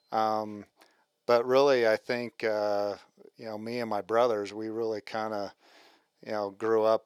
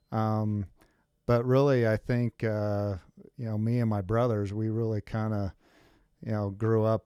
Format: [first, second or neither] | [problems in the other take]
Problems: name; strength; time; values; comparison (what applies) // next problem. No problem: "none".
second | thin; very; fading below 450 Hz